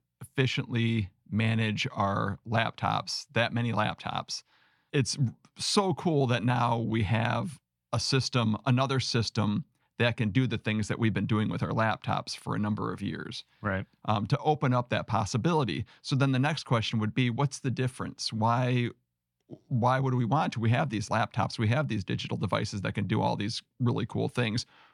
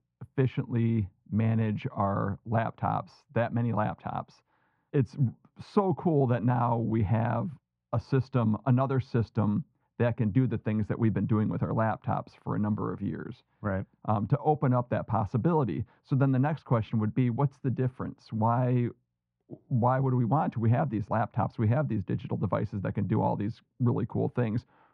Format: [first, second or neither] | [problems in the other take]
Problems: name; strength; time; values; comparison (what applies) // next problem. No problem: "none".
first | muffled; very; fading above 2.5 kHz